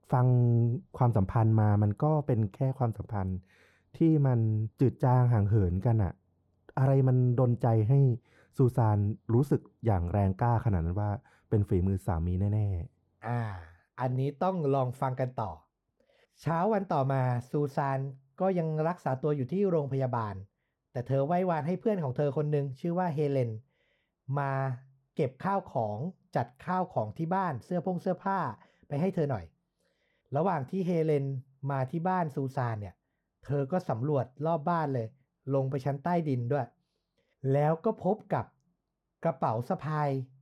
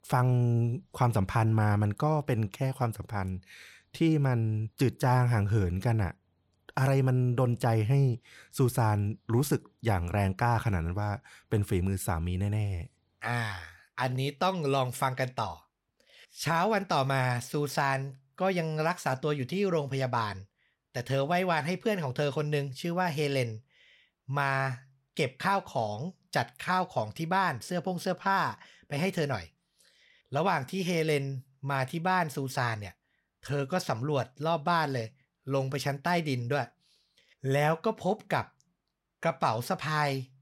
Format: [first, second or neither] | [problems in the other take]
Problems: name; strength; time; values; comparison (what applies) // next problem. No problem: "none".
second | muffled; very; fading above 1.5 kHz